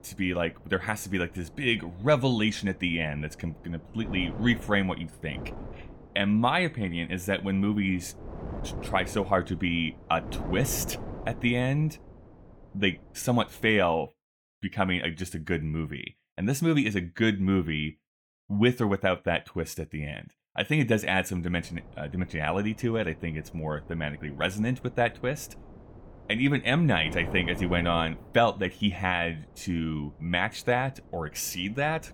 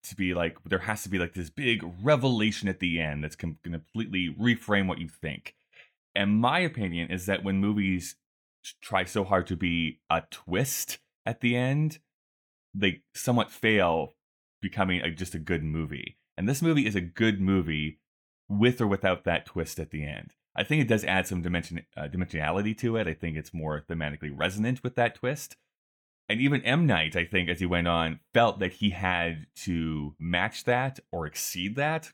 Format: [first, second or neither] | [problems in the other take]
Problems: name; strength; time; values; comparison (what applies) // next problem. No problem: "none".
second | wind noise on the microphone; occasional gusts; until 14 s and from 22 s on; 20 dB below the speech